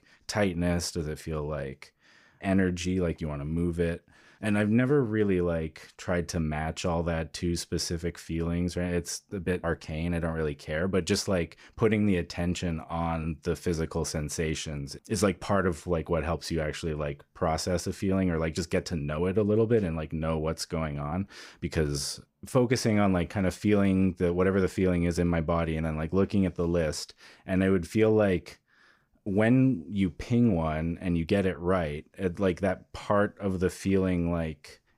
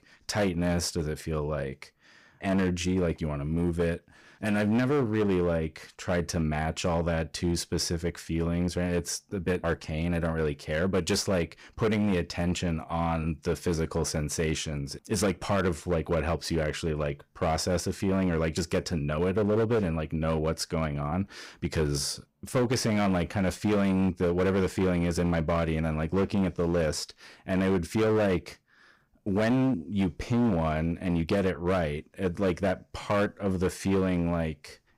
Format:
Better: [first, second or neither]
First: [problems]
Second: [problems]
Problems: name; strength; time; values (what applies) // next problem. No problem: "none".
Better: first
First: none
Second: distortion; slight; 10% of the sound clipped